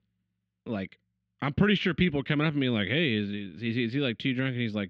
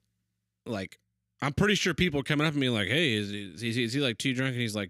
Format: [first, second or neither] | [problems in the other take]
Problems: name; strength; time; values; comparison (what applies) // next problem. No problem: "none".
second | muffled; slightly; fading above 3 kHz